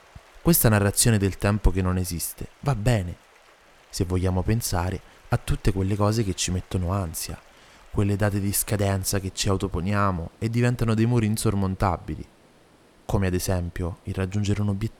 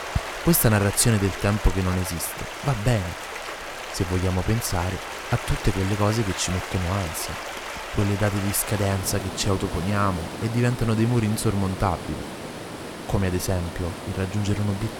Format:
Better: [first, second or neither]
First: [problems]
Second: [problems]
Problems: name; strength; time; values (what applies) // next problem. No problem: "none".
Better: first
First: rain or running water; faint; throughout; 30 dB below the speech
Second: rain or running water; loud; throughout; 8 dB below the speech